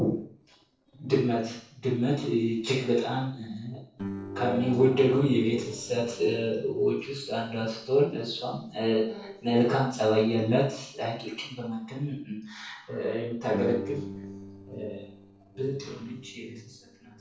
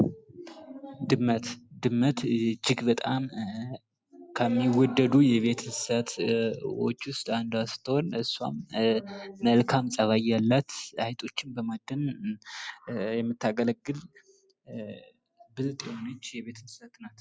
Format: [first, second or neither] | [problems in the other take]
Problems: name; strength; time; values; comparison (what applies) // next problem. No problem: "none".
second | noise reduction (neural separator model SepFormer DNS4)